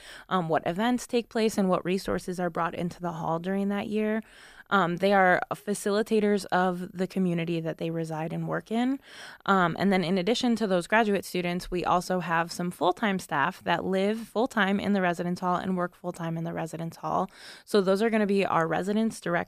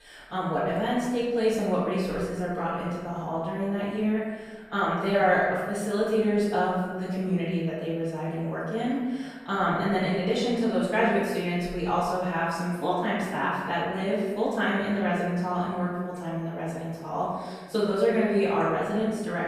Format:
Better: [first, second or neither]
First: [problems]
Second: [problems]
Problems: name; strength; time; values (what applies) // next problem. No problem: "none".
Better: first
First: none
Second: off-mic speech; far // room echo; strong; dies away in 1.3 s